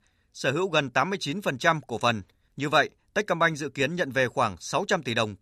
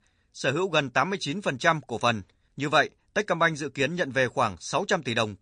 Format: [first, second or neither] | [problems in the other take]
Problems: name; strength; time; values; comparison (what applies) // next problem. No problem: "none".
first | garbled, watery; slightly; nothing above 9.5 kHz